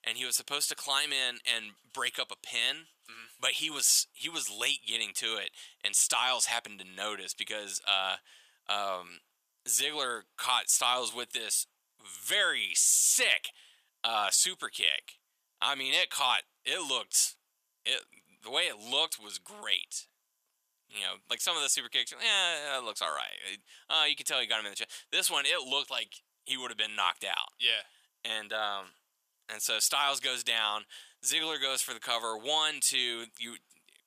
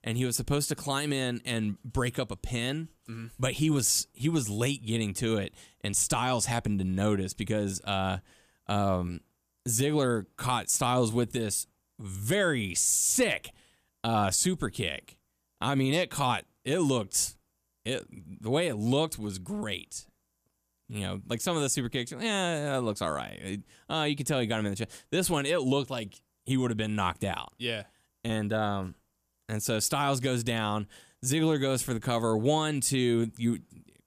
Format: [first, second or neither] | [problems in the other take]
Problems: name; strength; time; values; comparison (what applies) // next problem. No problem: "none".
second | thin; very; fading below 900 Hz